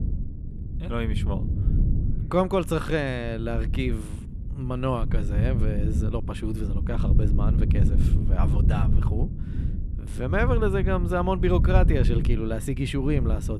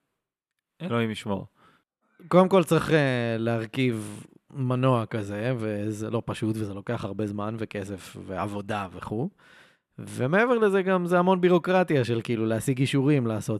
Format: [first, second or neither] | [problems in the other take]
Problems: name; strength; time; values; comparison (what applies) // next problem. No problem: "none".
second | low rumble; loud; throughout; 10 dB below the speech